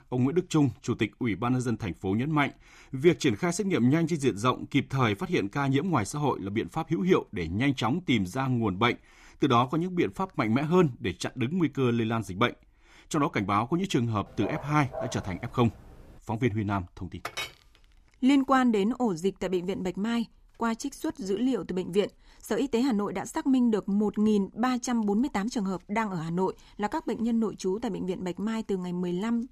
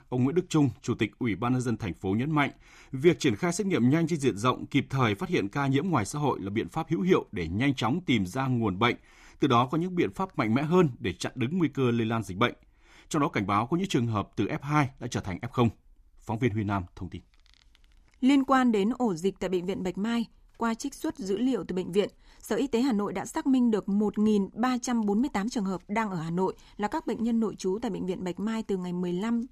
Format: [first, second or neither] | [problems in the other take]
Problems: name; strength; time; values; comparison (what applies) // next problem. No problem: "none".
second | dog barking; faint; from 14 to 16 s; peak 10 dB below the speech // clattering dishes; noticeable; at 17 s; peak 7 dB below the speech